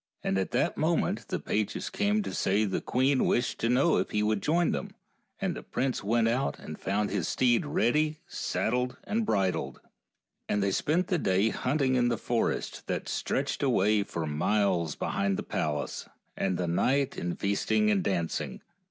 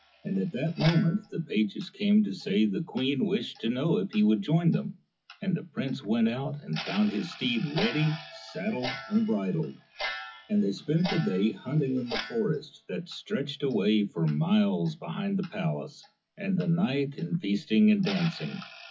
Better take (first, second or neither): first